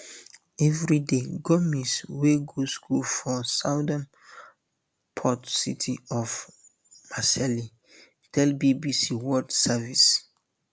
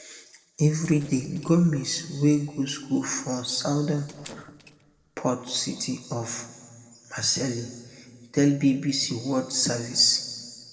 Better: first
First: none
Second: noise reduction (neural separator model SepFormer DNS4)

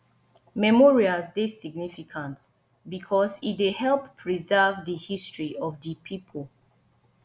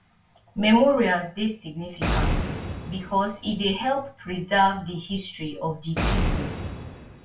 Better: first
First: none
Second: background sound (Boom); 5 dB below the speech // room echo; dies away in 0.2 s

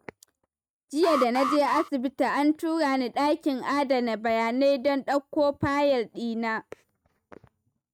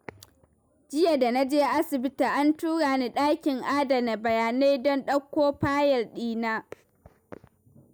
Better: second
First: noise reduction (neural mask model RNNoise)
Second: none

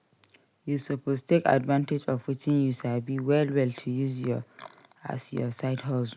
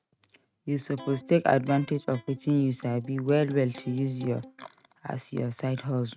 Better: first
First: none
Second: noise reduction (neural mask model RNNoise)

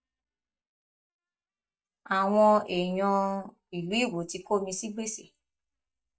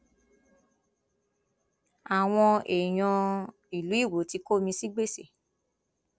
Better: second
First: noise reduction (neural mask model DeepFilterNet 3)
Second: none

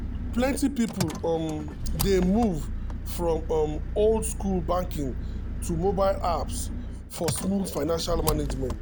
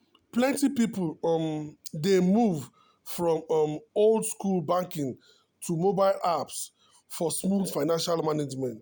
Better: second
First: background sound (Engine); 4 dB below the speech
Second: none

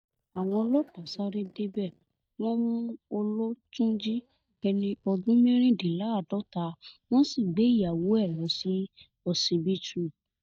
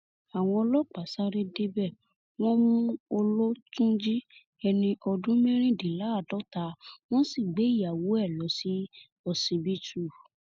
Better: second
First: noise reduction (neural mask model DeepFilterNet 3)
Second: none

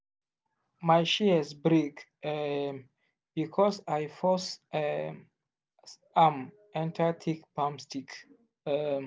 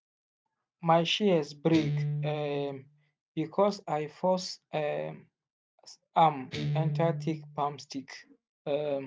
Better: first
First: none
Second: noise reduction (neural mask model RNNoise)

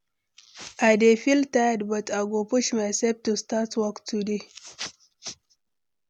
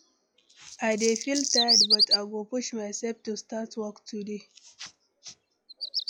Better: first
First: none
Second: noise reduction (classical method log-MMSE)

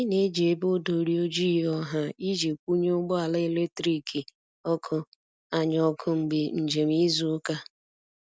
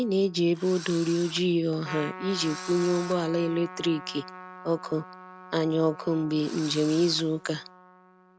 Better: first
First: none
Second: background sound (Engine / Drill + Trumpet); 15 dB below the speech

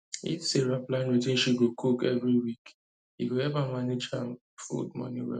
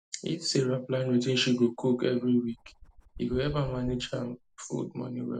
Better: first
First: none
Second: background sound (Dog); 17 dB below the speech

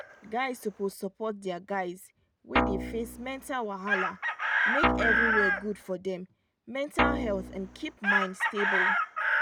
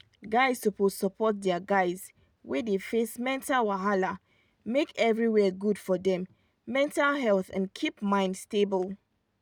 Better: second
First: background sound (Guitar + Chicken, rooster); 4 dB above the speech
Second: none

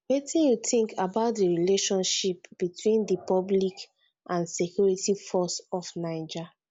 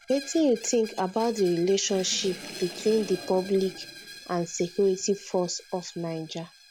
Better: first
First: none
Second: background sound (Screech + Sink (filling or washing) / Water); 16 dB below the speech

